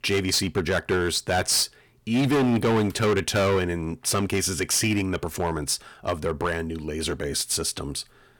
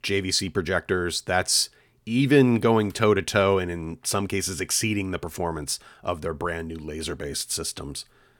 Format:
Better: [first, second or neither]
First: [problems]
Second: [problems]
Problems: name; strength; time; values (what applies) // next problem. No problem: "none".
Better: second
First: distortion; heavy; 10% of the sound clipped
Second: none